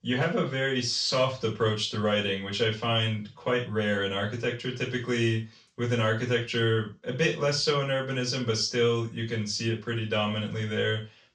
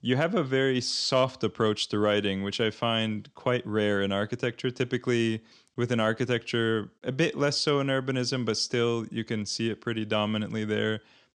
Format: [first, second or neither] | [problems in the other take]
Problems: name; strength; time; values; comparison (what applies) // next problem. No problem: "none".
second | room echo; slight; dies away in 0.3 s // off-mic speech; far